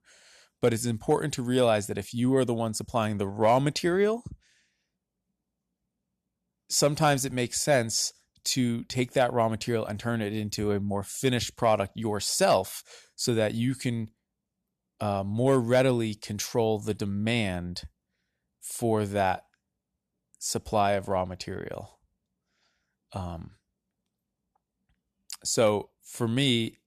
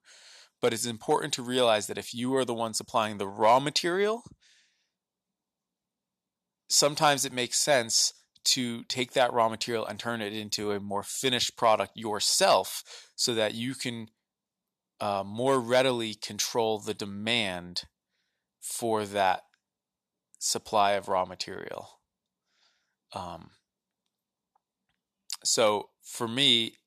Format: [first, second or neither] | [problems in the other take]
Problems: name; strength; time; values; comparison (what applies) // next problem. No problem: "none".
first | thin; very slightly; fading below 400 Hz